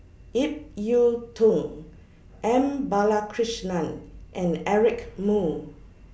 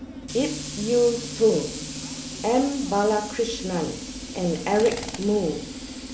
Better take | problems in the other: first | background sound (Tools); 10 dB below the speech

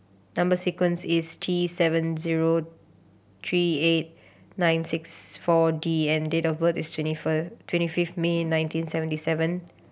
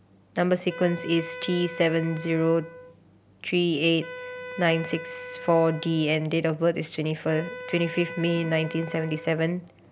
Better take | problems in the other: first | background sound (Wind instrument, woodwind instrument); 14 dB below the speech

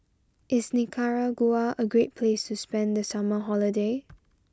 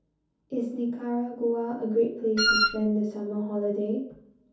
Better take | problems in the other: first | background sound (Wind instrument, woodwind instrument); 4 dB above the speech // room echo; dies away in 0.6 s

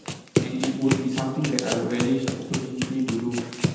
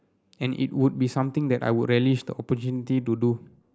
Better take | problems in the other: second | background sound (Run); 2 dB below the speech // room echo; dies away in 1.2 s

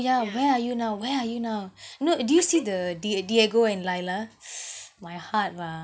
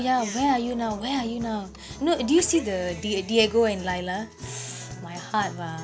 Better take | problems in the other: first | background sound (Guitar); 14 dB below the speech

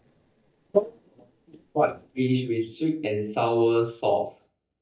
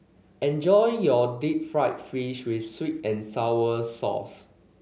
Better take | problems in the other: second | noise reduction (neural mask model DeepFilterNet 3)

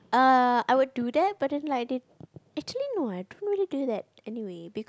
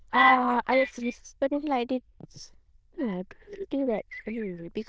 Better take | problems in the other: first | noise reduction (neural diffusion model UNIVERSE++)

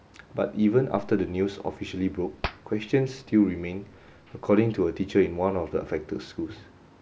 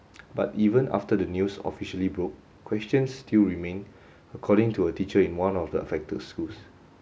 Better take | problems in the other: second | background sound (Hands); 17 dB below the speech

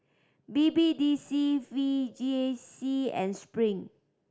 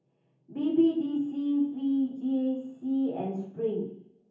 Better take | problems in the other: first | room echo; dies away in 0.7 s

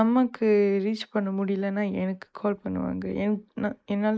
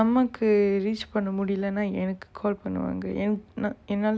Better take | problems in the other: second | noise reduction (neural mask model Resemble Enhance denoiser)

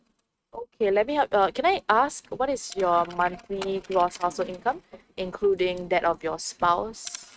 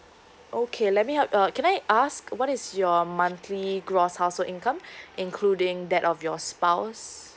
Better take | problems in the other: second | noise reduction (neural mask model RNNoise)

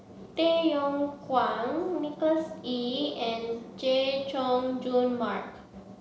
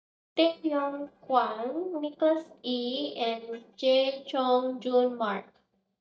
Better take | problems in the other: first | noise reduction (neural mask model DeepFilterNet 3)

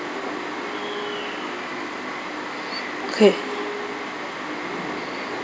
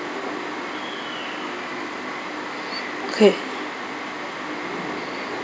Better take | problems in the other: second | background sound (Bowed string instrument); 13 dB below the speech

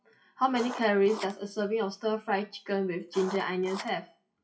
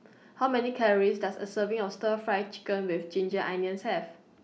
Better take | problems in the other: second | noise reduction (classical method WPE with log-MMSE)

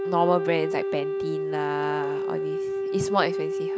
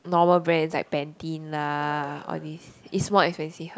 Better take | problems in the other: second | background sound (Wind instrument, woodwind instrument); as loud as the speech

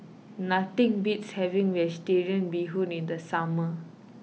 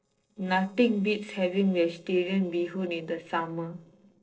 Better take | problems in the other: first | noise reduction (neural separator model SepFormer DNS4)

